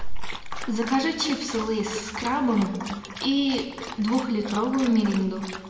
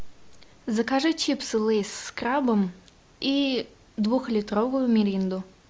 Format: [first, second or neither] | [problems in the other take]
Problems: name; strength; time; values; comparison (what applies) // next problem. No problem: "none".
second | background sound (Dog); 13 dB below the speech // room echo; dies away in 1.1 s